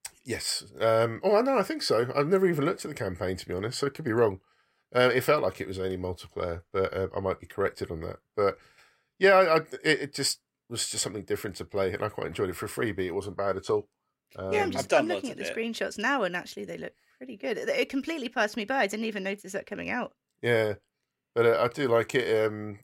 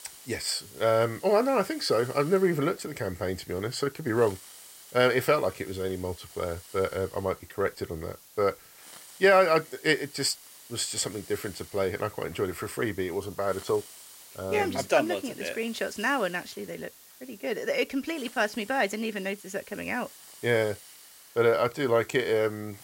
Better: first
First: none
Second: hiss; noticeable; throughout; 20 dB below the speech

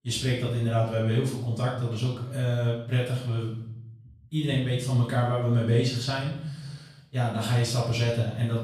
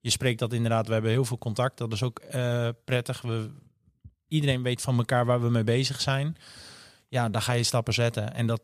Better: second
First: room echo; noticeable; dies away in 0.8 s // off-mic speech; far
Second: none

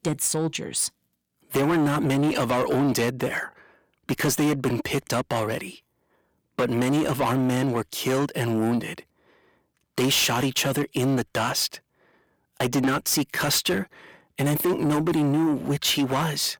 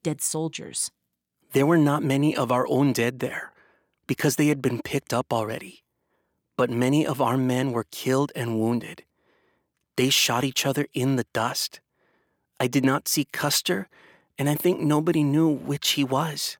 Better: second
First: distortion; heavy; 8 dB below the speech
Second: none

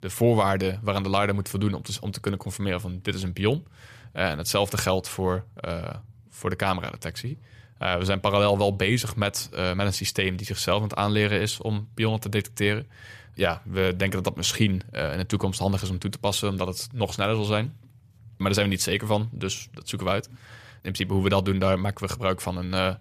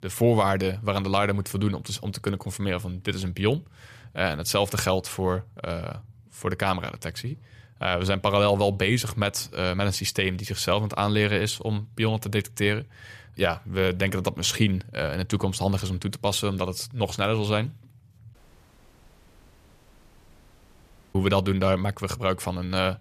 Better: first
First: none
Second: audio cutting out; at 18 s for 3 s

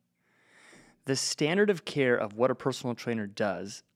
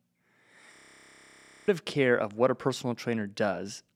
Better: first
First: none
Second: audio freezing; at 0.5 s for 1 s

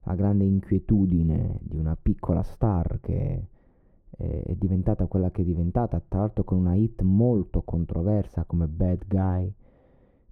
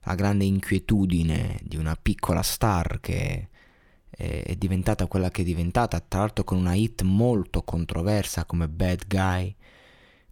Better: second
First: muffled; very; fading above 1.5 kHz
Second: none

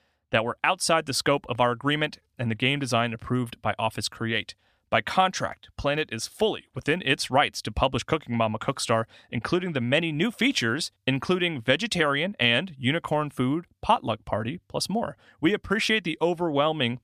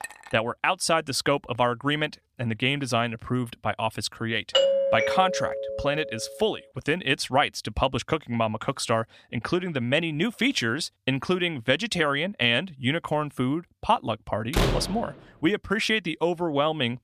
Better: first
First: none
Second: clattering dishes; faint; at the start; peak 15 dB below the speech // doorbell; loud; from 4.5 to 6 s; peak 5 dB above the speech // door banging; loud; at 15 s; peak 1 dB above the speech

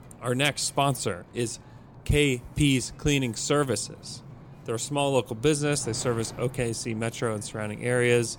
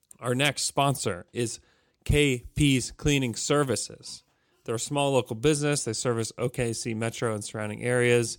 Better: second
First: wind noise on the microphone; occasional gusts; 20 dB below the speech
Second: none

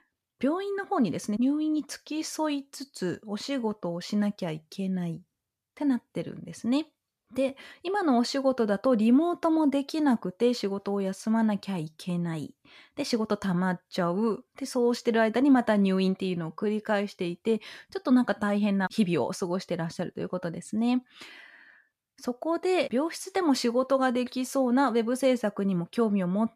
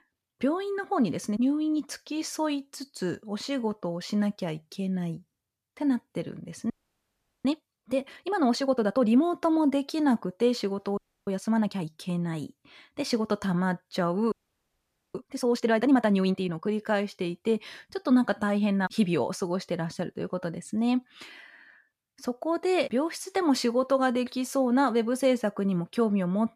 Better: first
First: none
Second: audio freezing; at 6.5 s for 1 s, at 11 s and at 14 s for 1 s

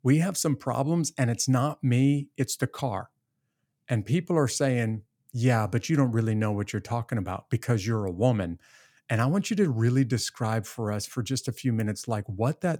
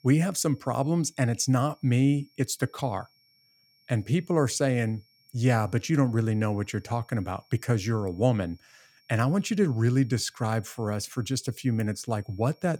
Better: first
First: none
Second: high-pitched whine; faint; throughout; 5.5 kHz, 35 dB below the speech

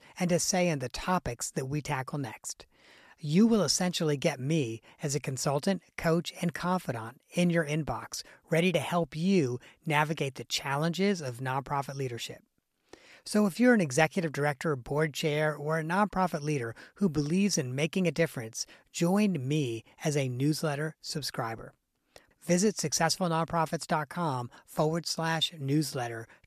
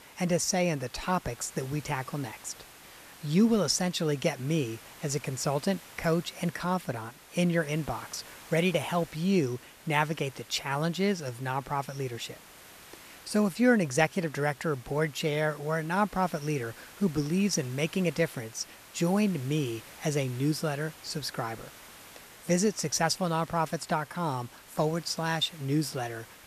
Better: first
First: none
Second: hiss; noticeable; throughout; 20 dB below the speech

